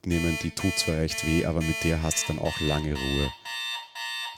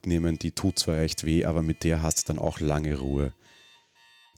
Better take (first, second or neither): second